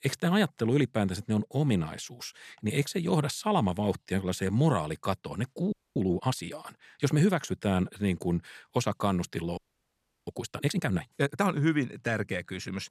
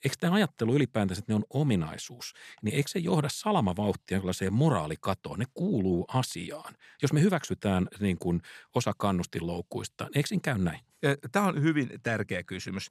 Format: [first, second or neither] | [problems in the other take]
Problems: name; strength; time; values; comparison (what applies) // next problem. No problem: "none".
second | audio freezing; at 5.5 s and at 9.5 s for 0.5 s